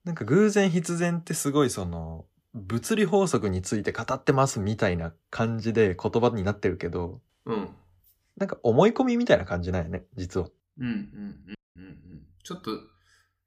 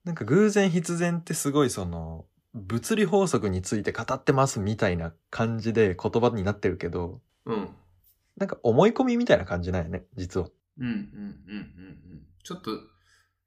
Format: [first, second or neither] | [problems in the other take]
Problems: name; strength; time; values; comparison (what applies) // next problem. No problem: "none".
second | audio cutting out; at 12 s